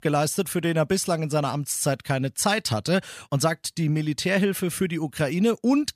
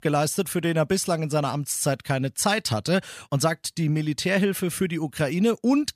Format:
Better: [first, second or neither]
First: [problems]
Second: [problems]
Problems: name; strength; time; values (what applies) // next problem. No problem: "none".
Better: neither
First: none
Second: none